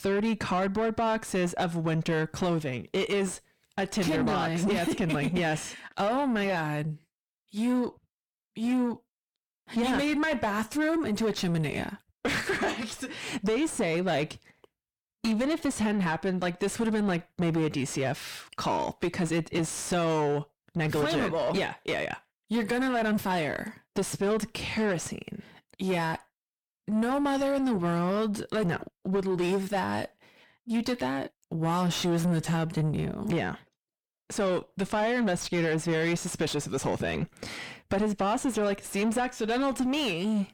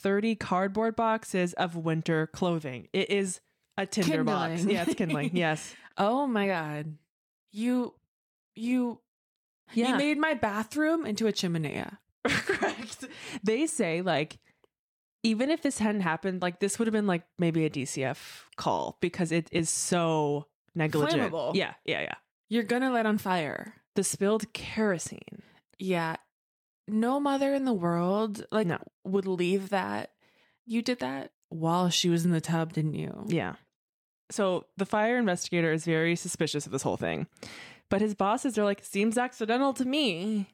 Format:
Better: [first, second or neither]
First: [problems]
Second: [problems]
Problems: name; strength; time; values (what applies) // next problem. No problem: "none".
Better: second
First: distortion; heavy; 7 dB below the speech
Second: none